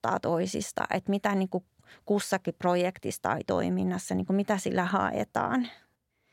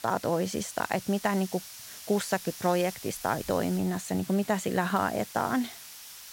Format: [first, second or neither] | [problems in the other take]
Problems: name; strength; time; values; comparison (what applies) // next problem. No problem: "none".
first | hiss; noticeable; throughout; 15 dB below the speech